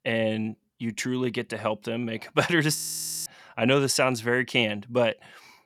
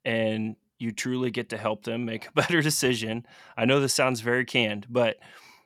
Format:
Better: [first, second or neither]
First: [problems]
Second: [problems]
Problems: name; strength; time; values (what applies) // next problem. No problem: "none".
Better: second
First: audio freezing; at 3 s for 0.5 s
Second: none